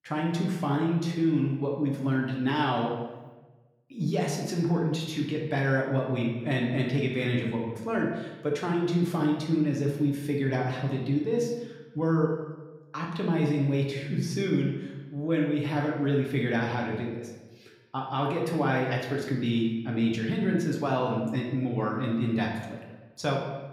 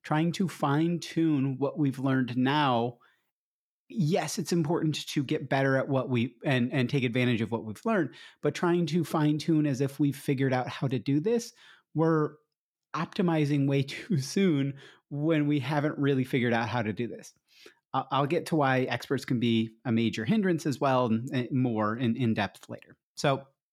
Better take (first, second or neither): second